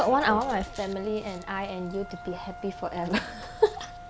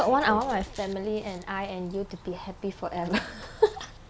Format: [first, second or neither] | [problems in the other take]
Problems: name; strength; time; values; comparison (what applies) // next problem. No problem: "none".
second | background sound (Wind instrument, woodwind instrument); 16 dB below the speech